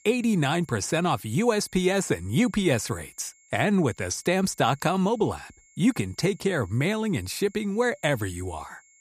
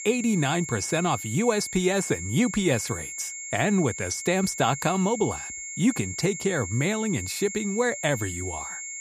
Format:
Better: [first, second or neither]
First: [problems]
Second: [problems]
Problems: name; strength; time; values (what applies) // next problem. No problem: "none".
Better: first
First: high-pitched whine; faint; throughout; 7.5 kHz, 30 dB below the speech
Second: high-pitched whine; loud; throughout; 7.5 kHz, 8 dB below the speech